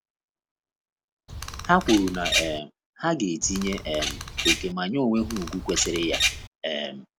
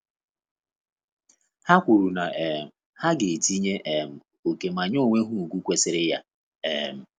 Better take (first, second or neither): second